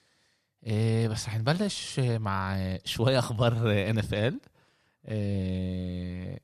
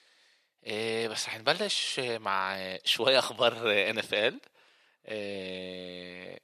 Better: first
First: none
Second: thin; very; fading below 450 Hz

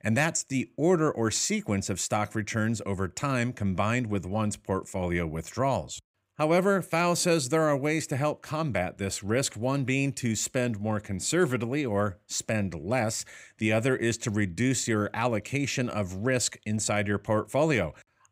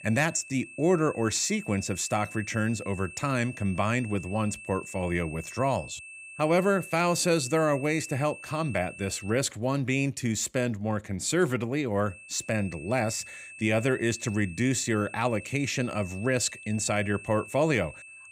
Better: first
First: none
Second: high-pitched whine; noticeable; until 9.5 s and from 12 s on; 2.5 kHz, 15 dB below the speech

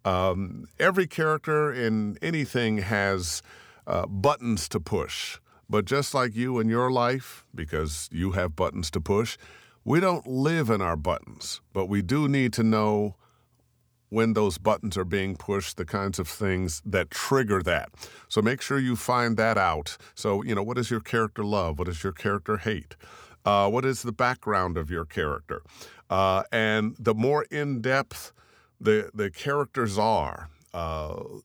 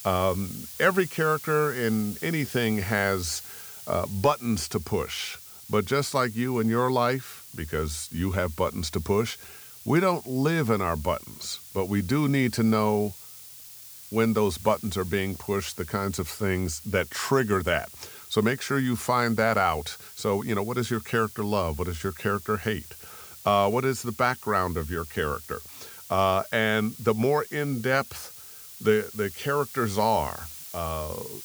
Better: first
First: none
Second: hiss; noticeable; throughout; 15 dB below the speech

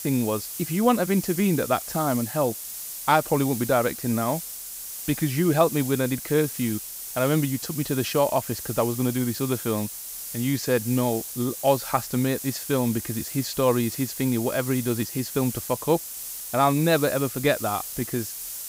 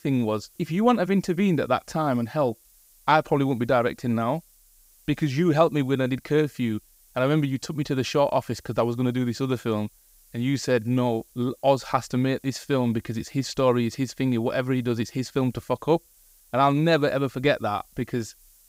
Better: second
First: hiss; loud; throughout; 8 dB below the speech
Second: hiss; faint; throughout; 30 dB below the speech

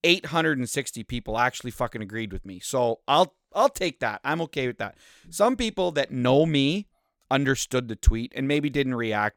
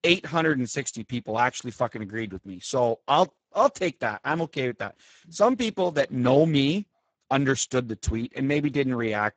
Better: first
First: none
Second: garbled, watery; badly; nothing above 7.5 kHz

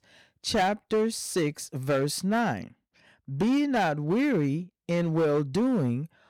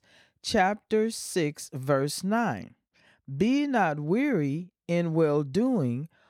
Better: second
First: distortion; slight; 9% of the sound clipped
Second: none

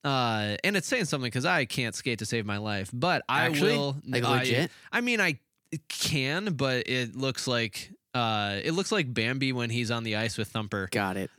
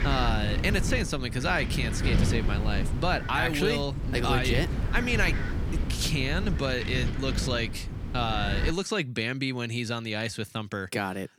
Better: first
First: none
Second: wind noise on the microphone; heavy; until 8.5 s; 9 dB below the speech

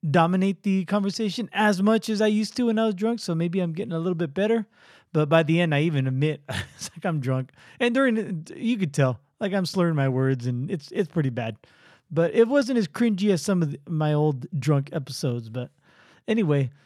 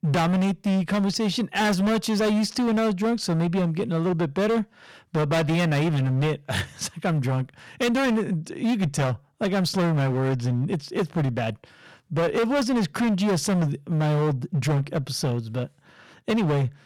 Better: first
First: none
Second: distortion; heavy; 23% of the sound clipped

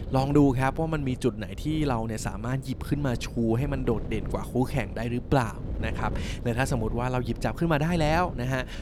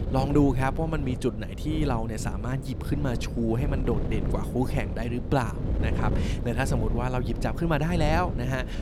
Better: first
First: wind noise on the microphone; occasional gusts; 15 dB below the speech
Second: wind noise on the microphone; heavy; 9 dB below the speech

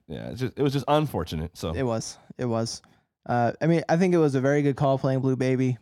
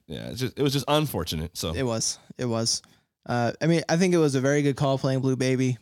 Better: second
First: muffled; slightly; fading above 3 kHz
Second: none

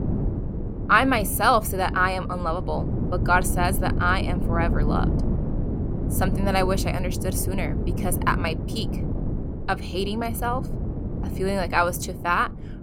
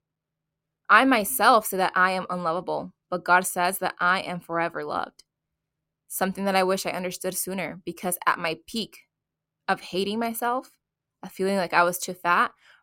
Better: second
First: wind noise on the microphone; occasional gusts; 15 dB below the speech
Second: none

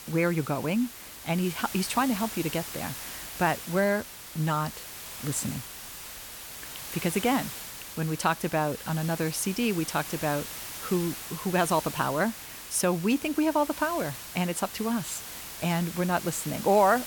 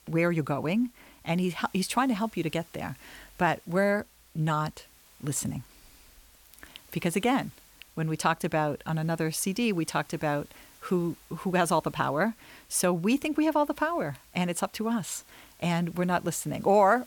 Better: second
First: hiss; loud; throughout; 9 dB below the speech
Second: hiss; faint; throughout; 25 dB below the speech

